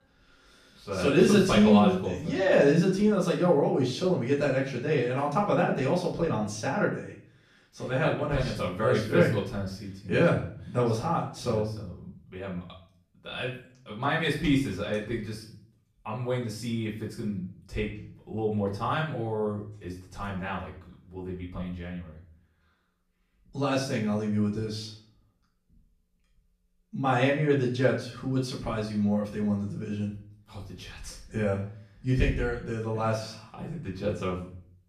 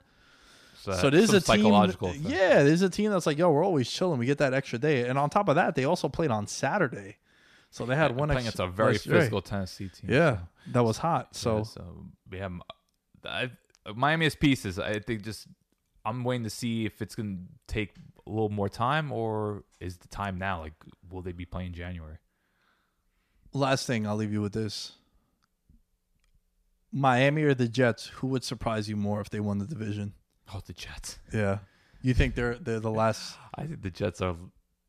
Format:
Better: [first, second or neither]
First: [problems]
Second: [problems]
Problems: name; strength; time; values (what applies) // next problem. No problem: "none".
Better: second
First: off-mic speech; far // room echo; slight; dies away in 0.4 s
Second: none